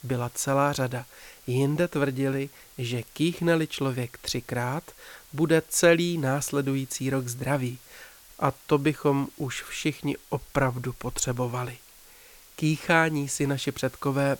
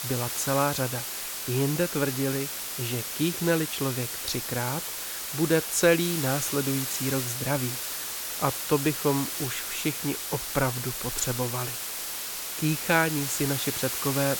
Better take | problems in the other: first | hiss; loud; throughout; 2 dB below the speech; faint in the first

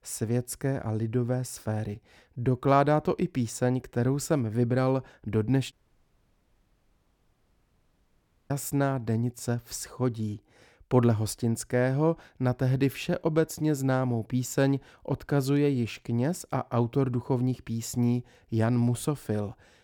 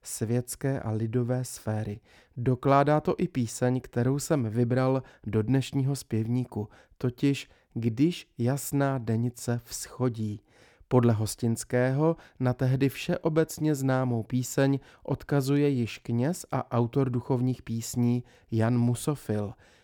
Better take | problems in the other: second | audio cutting out; at 5.5 s for 3 s

